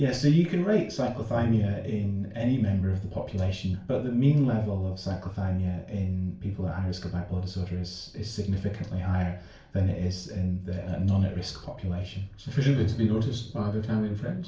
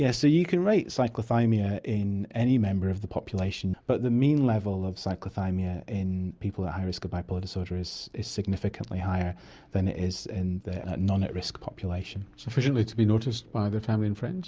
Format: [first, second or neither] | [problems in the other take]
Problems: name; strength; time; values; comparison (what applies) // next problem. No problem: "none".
second | background sound (Drum); 17 dB below the speech // room echo; dies away in 0.4 s